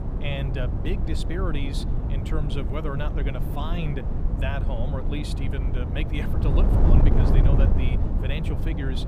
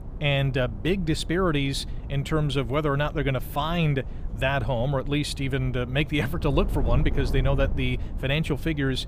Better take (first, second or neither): second